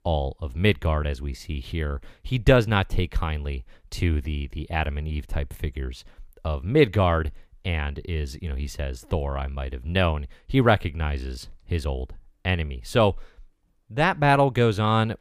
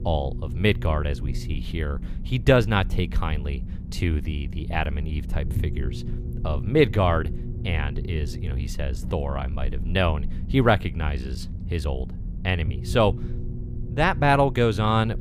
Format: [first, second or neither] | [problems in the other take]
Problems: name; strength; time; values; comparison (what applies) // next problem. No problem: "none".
first | low rumble; noticeable; throughout; 20 dB below the speech